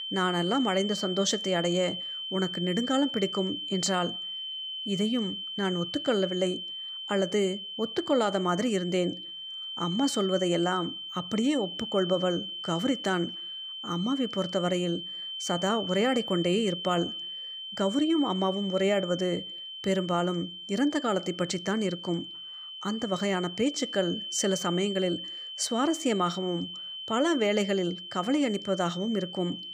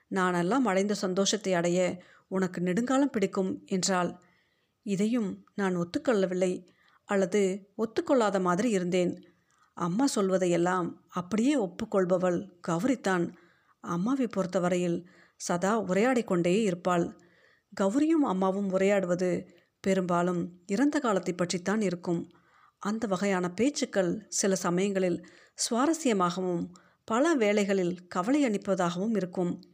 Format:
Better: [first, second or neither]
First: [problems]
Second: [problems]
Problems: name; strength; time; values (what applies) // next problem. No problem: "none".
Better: second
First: high-pitched whine; loud; throughout; 3 kHz, 7 dB below the speech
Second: none